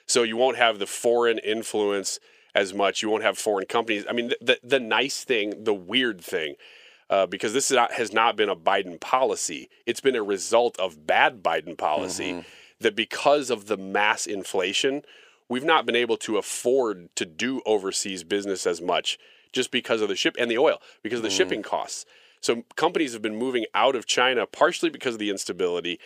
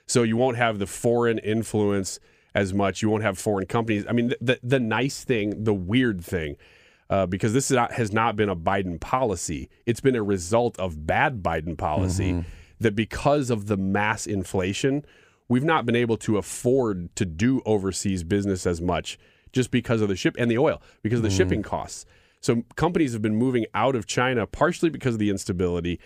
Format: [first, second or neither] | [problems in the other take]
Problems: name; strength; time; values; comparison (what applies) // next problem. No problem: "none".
second | thin; somewhat; fading below 450 Hz